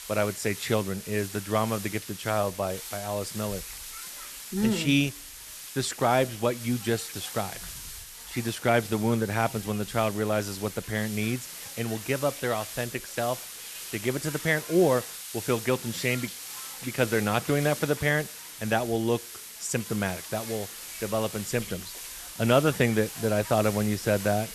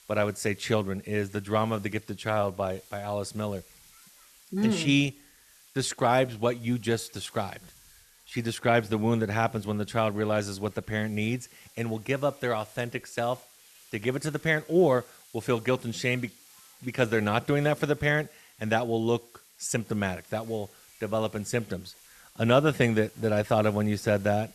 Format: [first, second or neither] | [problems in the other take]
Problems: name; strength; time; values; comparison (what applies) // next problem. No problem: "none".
second | hiss; loud; throughout; 10 dB below the speech; faint in the second